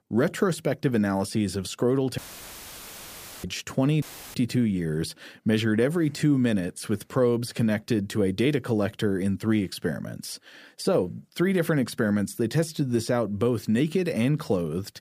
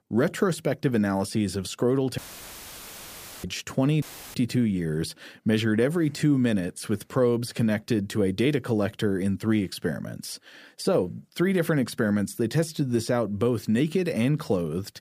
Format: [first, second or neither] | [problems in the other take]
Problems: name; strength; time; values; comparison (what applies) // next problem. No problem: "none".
neither | audio cutting out; filled with static; at 2 s for 1.5 s and at 4 s; the same in both